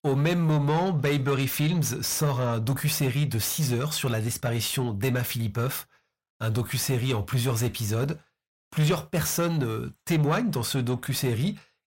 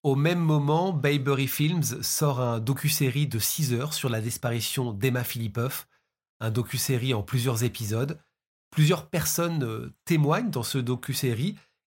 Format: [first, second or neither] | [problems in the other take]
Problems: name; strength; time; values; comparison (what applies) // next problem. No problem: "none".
second | distortion; slight; 10 dB below the speech